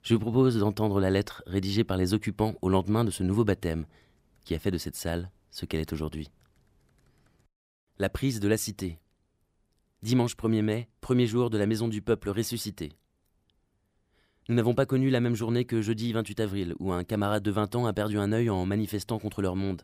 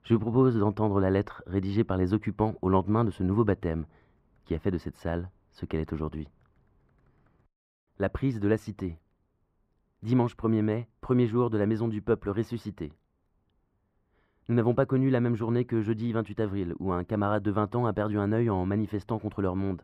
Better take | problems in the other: first | muffled; very; fading above 3.5 kHz

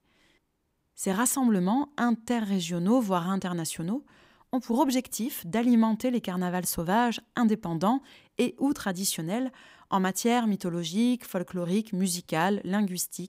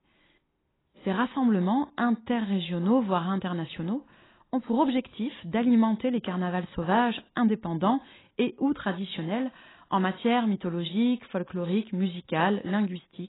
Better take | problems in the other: first | garbled, watery; badly; nothing above 4 kHz

